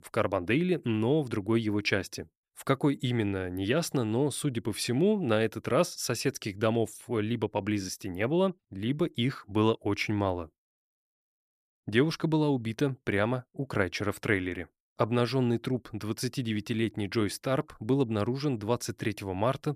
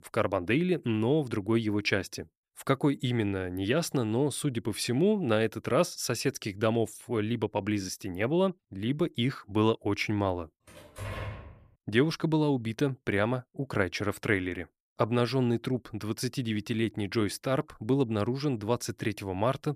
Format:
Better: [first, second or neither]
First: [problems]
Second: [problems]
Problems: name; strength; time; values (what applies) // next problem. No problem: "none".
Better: first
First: none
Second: door banging; noticeable; at 11 s; peak 8 dB below the speech